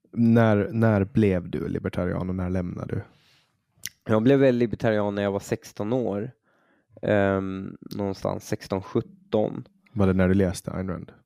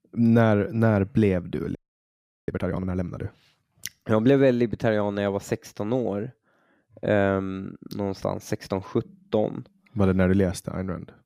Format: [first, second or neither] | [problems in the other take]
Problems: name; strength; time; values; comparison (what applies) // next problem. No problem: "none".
first | audio freezing; at 2 s for 0.5 s